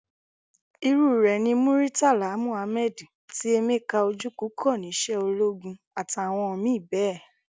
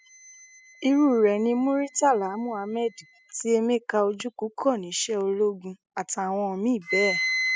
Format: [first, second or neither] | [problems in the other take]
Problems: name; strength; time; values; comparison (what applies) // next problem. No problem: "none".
first | noise reduction (classical method spectral subtraction)